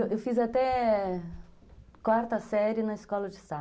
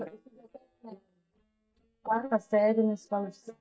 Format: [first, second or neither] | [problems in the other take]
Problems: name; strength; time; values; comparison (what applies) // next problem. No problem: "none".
first | noise reduction (neural mask model DeepFilterNet 3)